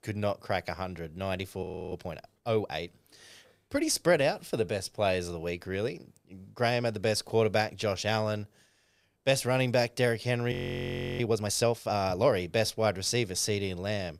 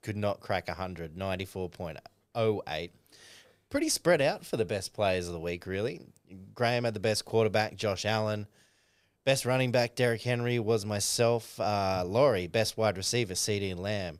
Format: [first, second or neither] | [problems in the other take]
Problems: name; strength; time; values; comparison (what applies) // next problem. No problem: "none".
second | audio freezing; at 1.5 s and at 11 s for 0.5 s